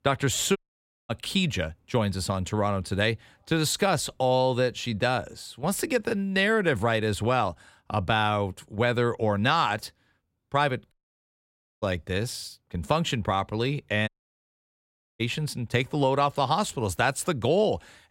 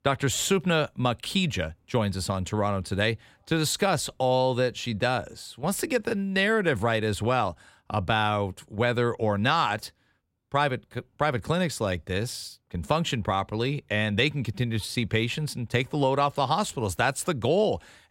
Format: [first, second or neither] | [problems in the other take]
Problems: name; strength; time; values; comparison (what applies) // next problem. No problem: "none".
second | audio cutting out; at 0.5 s for 0.5 s, at 11 s for 1 s and at 14 s for 1 s